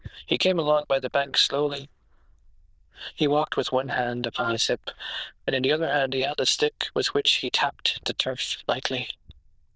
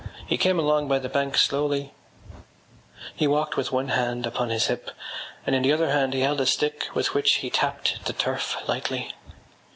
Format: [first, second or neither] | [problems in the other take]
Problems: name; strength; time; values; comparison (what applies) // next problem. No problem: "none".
second | noise reduction (neural diffusion model UNIVERSE++)